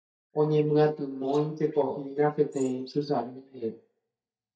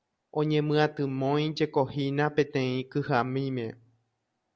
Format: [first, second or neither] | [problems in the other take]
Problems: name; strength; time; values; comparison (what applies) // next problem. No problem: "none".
second | noise reduction (neural mask model DeepFilterNet 3)